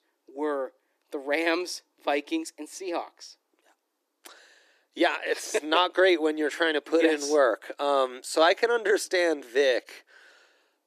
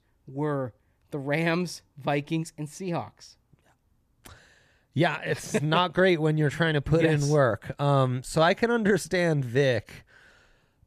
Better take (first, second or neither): second